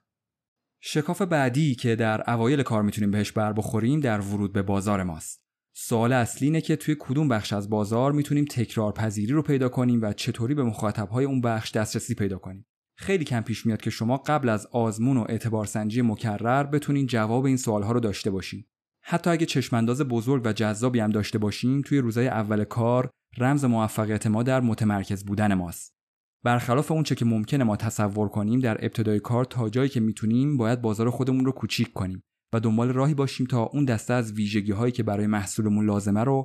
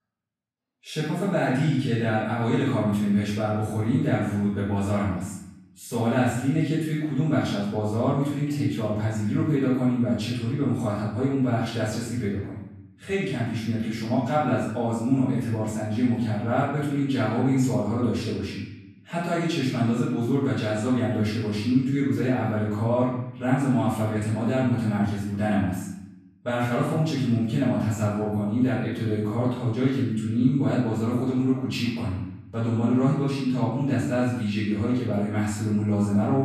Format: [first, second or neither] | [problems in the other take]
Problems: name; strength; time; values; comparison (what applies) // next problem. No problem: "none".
first | off-mic speech; far // room echo; noticeable; dies away in 0.9 s